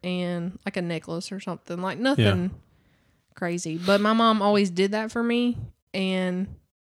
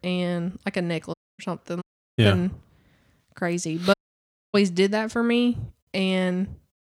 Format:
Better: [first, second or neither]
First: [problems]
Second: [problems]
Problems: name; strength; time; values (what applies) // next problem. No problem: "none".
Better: first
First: none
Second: audio cutting out; at 1 s, at 2 s and at 4 s for 0.5 s